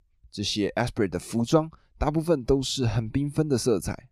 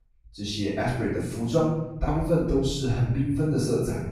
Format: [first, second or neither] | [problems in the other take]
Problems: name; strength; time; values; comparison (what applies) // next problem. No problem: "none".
first | off-mic speech; far // room echo; noticeable; dies away in 1 s